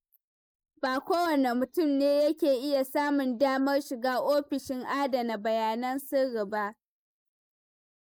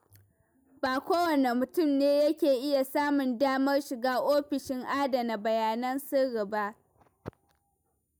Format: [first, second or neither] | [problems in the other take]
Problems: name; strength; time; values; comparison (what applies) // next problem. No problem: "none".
second | noise reduction (neural mask model Resemble Enhance denoiser)